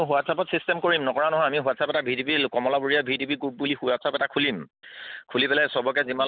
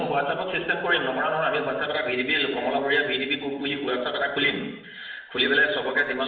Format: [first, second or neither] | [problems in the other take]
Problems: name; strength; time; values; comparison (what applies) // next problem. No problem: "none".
first | room echo; dies away in 0.8 s